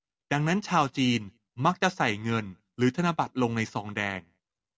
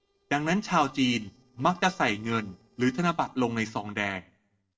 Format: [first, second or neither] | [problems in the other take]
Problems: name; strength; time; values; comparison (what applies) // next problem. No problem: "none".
first | noise reduction (neural separator model SepFormer DNS4)